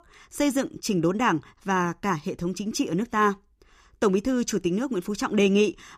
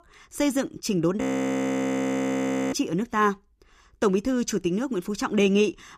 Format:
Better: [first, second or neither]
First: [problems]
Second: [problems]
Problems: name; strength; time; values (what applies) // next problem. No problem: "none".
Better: first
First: none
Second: audio freezing; at 1 s for 1.5 s